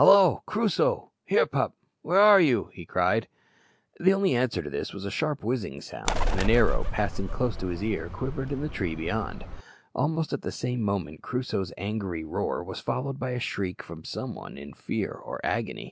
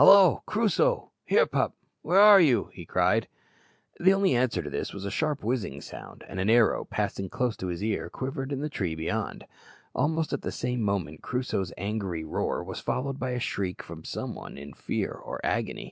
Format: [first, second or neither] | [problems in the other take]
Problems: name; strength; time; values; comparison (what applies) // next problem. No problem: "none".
second | background sound (Bird); 1 dB below the speech